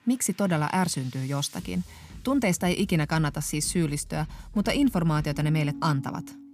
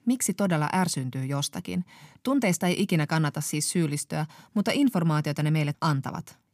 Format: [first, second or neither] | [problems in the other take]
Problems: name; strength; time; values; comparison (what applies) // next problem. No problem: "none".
second | background music; noticeable; throughout; 15 dB below the speech